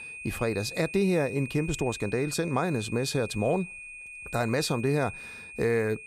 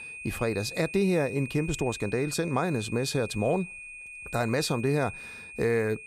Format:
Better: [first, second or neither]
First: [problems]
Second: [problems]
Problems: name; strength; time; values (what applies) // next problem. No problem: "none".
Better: neither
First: high-pitched whine; noticeable; throughout; 2.5 kHz, 10 dB below the speech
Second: high-pitched whine; noticeable; throughout; 2.5 kHz, 10 dB below the speech